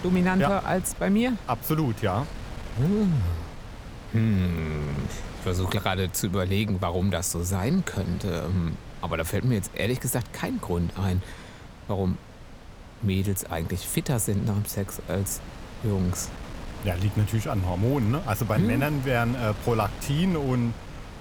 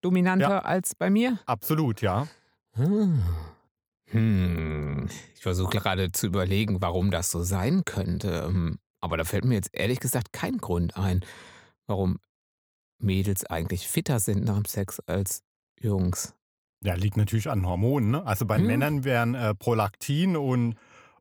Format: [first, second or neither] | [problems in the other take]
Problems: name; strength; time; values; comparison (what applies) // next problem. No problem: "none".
second | wind noise on the microphone; occasional gusts; 15 dB below the speech